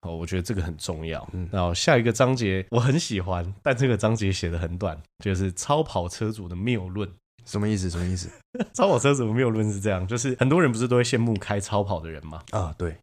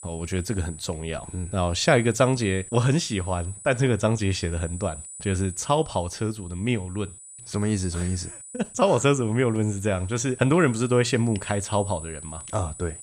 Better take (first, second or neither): first